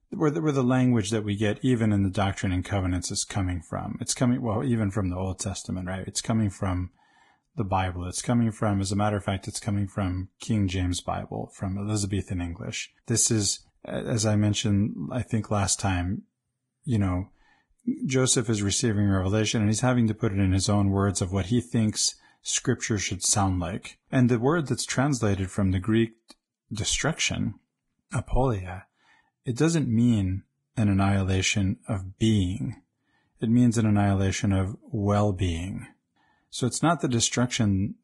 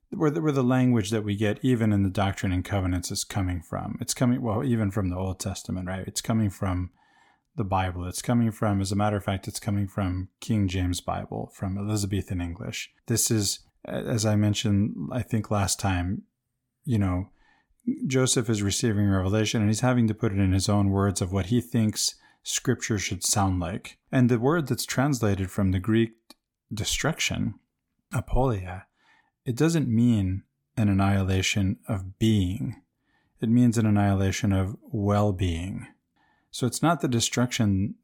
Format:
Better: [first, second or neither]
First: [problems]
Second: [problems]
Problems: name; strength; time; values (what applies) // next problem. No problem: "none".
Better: second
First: garbled, watery; badly; nothing above 10.5 kHz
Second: none